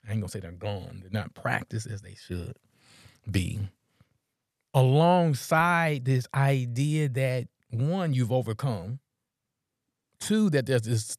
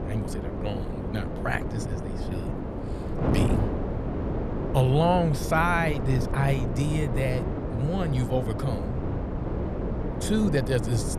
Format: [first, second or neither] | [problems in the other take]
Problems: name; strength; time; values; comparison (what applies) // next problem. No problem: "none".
first | wind noise on the microphone; heavy; 6 dB below the speech